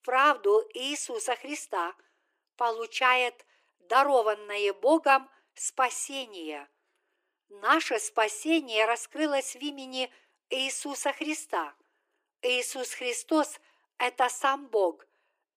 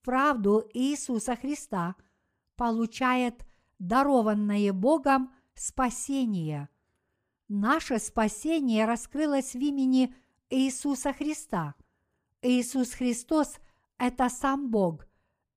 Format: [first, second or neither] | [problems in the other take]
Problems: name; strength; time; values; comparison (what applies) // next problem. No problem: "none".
second | thin; very; fading below 300 Hz